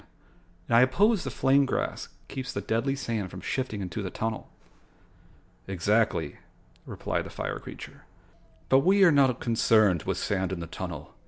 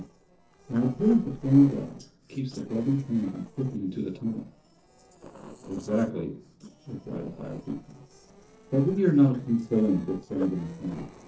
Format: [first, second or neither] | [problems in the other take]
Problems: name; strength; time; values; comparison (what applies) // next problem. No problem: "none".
first | noise reduction (neural separator model SepFormer DNS4)